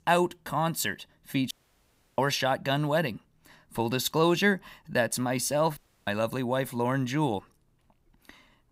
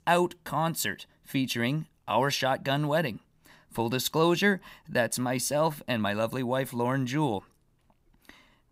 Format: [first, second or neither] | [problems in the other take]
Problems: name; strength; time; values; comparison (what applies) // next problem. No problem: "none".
second | audio cutting out; at 1.5 s for 0.5 s and at 6 s